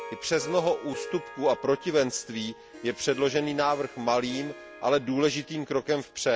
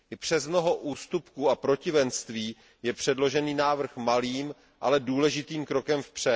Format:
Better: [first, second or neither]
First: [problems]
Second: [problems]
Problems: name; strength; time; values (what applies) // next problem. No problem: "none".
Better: second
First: background sound (Harp); 15 dB below the speech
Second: none